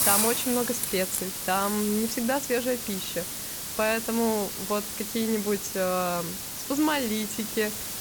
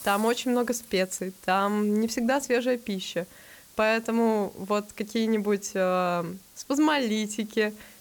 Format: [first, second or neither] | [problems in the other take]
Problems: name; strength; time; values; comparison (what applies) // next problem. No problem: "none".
second | hiss; loud; throughout; 2 dB below the speech; faint in the second